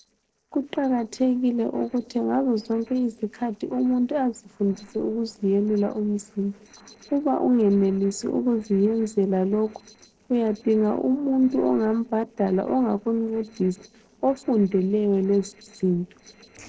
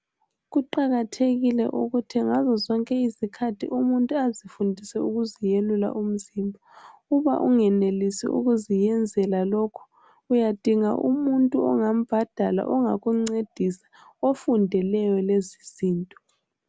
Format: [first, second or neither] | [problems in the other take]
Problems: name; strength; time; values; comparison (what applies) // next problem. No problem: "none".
second | noise reduction (neural separator model SepFormer DNS4)